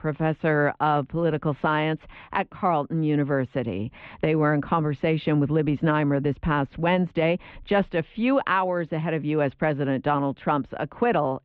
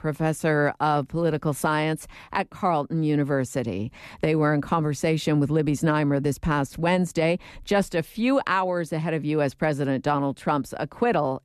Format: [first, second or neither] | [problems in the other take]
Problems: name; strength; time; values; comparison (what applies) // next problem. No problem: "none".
second | muffled; very; fading above 3.5 kHz